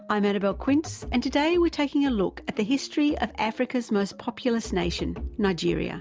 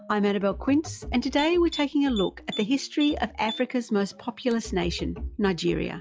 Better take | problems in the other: first | noise reduction (classical method log-MMSE)

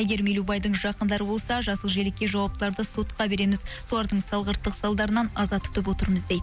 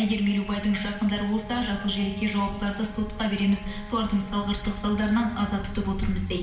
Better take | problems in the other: first | background sound (Wind instrument, woodwind instrument); 18 dB below the speech // room echo; dies away in 1 s

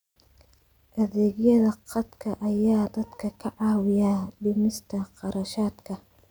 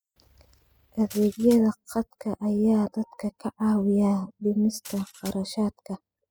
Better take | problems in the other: first | noise reduction (classical method spectral subtraction)

